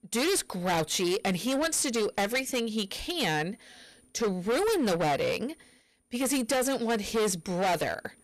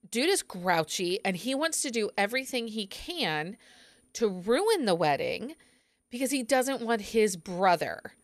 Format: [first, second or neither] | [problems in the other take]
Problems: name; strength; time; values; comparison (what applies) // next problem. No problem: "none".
second | distortion; heavy; 17% of the sound clipped